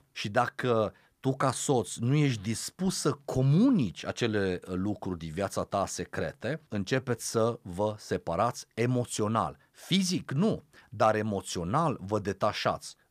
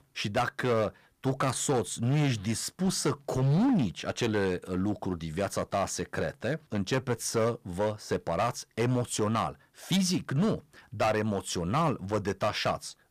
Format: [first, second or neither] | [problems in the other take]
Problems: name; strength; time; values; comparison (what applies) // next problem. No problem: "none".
first | distortion; slight; 8% of the sound clipped